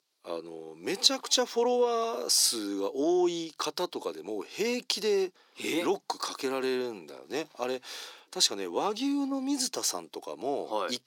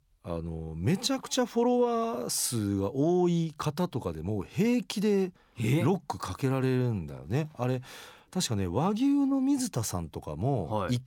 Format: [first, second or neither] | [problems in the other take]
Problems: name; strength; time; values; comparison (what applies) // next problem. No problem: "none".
second | thin; somewhat; fading below 350 Hz